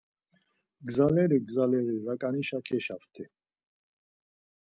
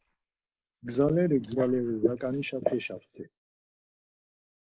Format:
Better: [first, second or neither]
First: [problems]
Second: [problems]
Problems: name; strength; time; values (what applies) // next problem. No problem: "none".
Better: first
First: none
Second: noise reduction (neural mask model Resemble Enhance denoiser)